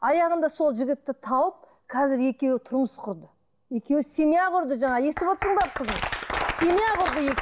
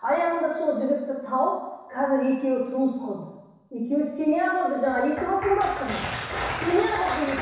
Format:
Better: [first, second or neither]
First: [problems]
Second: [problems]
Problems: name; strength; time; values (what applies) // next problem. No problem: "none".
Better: first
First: none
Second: room echo; dies away in 1.1 s